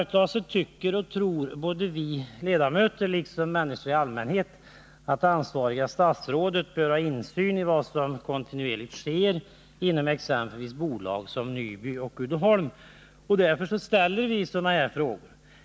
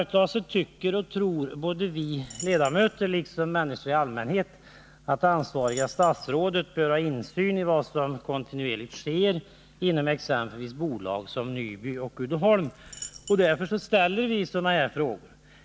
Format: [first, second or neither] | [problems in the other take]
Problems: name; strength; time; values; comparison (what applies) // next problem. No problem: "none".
first | background sound (Coin (dropping)); 18 dB below the speech